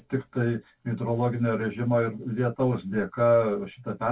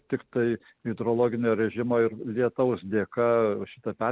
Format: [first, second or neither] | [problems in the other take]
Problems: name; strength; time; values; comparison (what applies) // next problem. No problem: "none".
second | room echo; dies away in 0.1 s